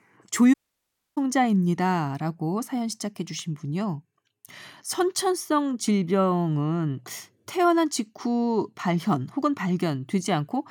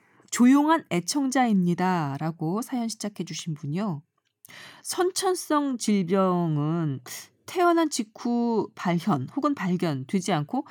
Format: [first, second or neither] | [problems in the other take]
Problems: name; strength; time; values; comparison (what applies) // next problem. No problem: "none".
second | audio cutting out; at 0.5 s for 0.5 s